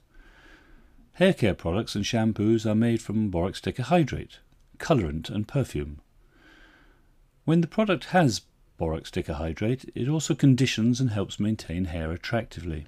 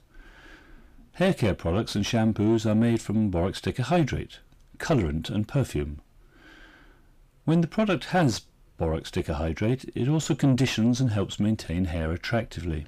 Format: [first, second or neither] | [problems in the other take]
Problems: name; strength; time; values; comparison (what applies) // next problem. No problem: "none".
first | distortion; slight; 10 dB below the speech